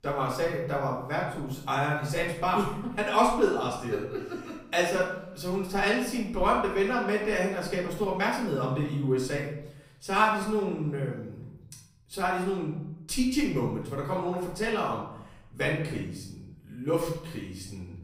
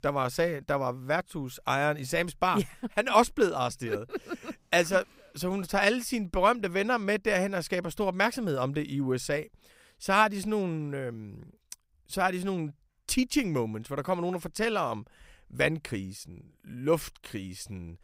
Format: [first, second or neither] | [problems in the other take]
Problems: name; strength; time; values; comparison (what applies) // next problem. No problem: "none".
second | off-mic speech; far // room echo; noticeable; dies away in 0.7 s